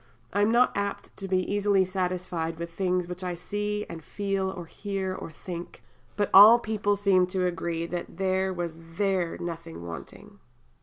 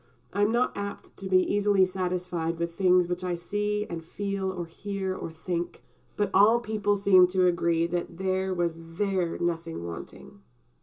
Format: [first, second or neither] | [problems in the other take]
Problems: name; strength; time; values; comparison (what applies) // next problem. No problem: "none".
first | room echo; dies away in 0.2 s